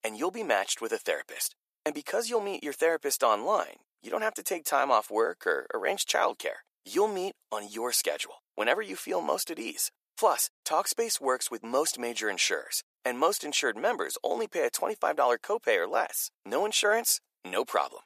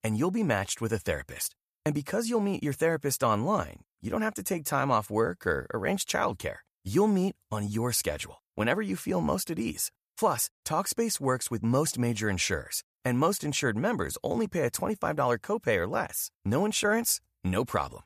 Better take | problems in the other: second | thin; very; fading below 350 Hz

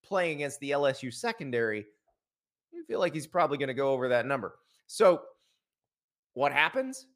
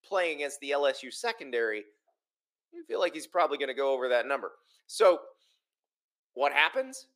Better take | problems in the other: first | thin; somewhat; fading below 350 Hz

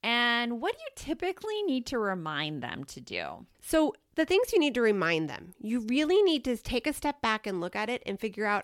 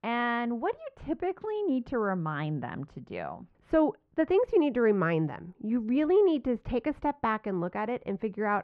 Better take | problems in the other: first | muffled; very; fading above 1 kHz

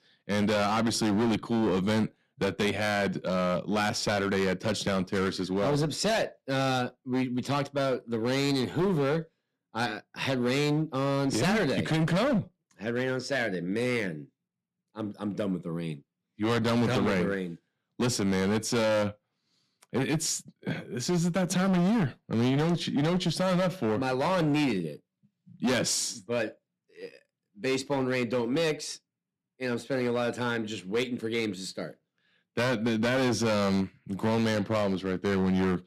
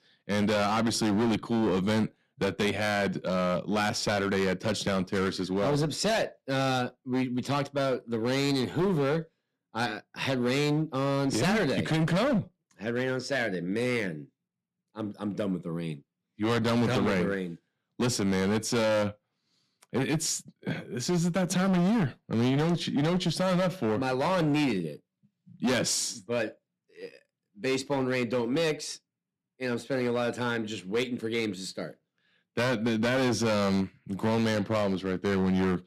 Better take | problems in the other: neither | distortion; heavy; 14% of the sound clipped; the same in both

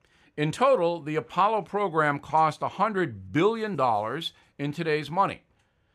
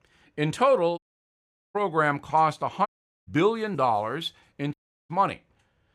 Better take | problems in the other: first | audio cutting out; at 1 s for 1 s, at 3 s and at 4.5 s

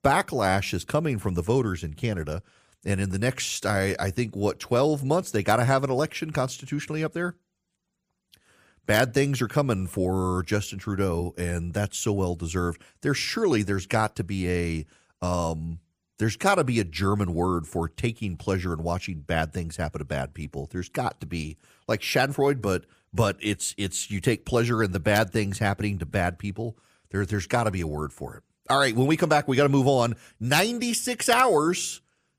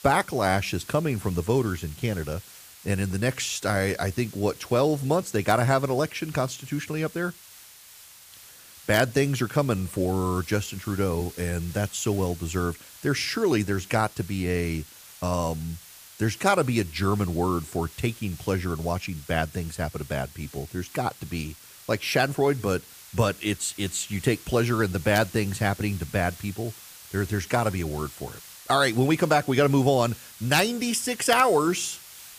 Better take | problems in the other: first | hiss; noticeable; throughout; 20 dB below the speech

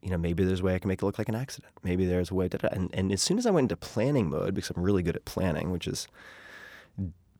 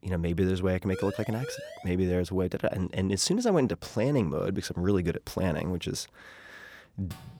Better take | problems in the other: first | siren; faint; at 1 s; peak 10 dB below the speech // door banging; very faint; at 7 s; peak 15 dB below the speech

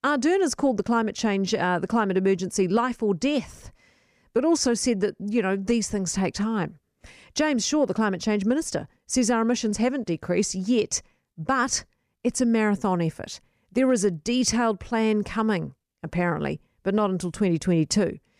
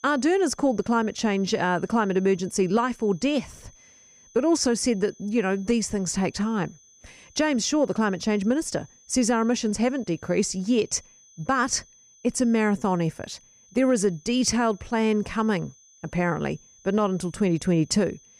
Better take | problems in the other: first | high-pitched whine; faint; throughout; 6 kHz, 30 dB below the speech

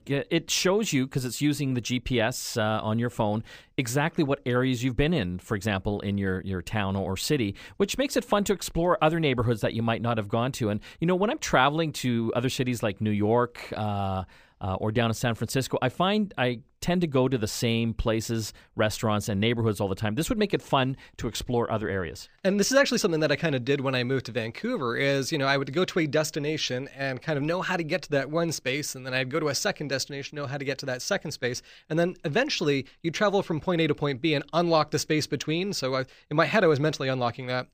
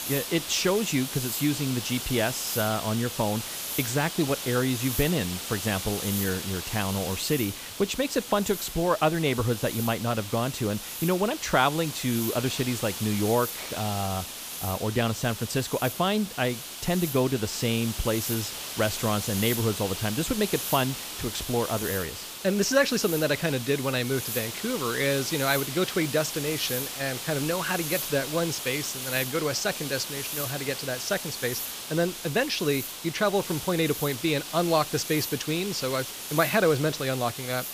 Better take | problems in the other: first | hiss; loud; throughout; 6 dB below the speech

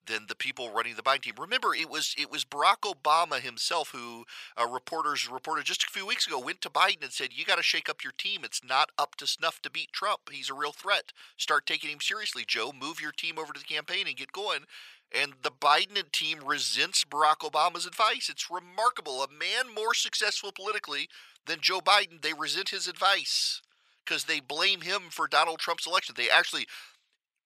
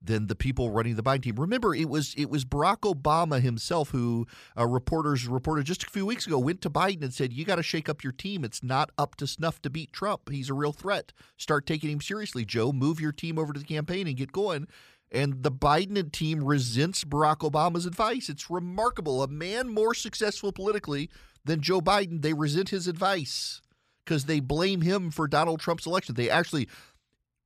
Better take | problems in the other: second | thin; very; fading below 850 Hz

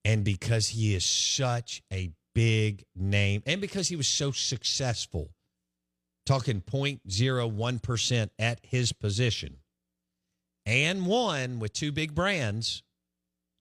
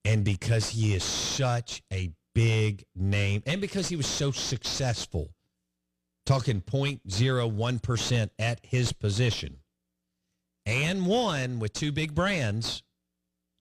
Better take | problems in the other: first | distortion; slight; 8 dB below the speech

